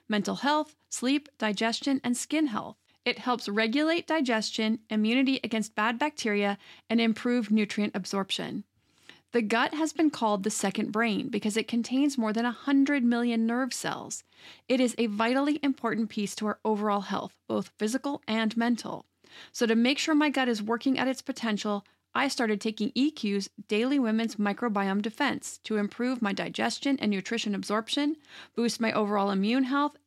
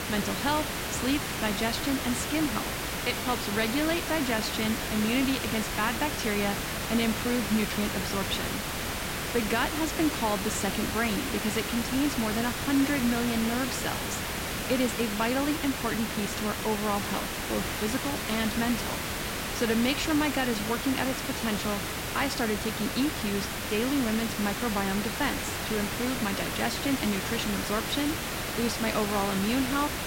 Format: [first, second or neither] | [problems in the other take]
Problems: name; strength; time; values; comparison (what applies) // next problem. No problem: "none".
first | hiss; loud; throughout; 1 dB below the speech